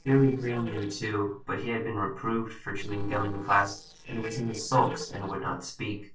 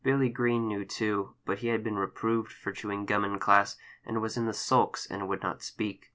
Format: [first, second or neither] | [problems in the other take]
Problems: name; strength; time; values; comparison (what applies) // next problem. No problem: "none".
second | noise reduction (neural separator model SepFormer DNS4)